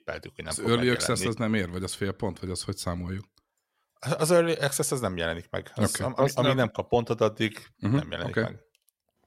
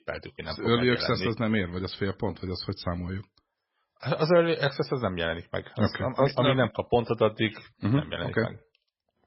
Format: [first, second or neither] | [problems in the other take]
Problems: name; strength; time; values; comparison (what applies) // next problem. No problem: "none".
first | garbled, watery; badly; nothing above 5.5 kHz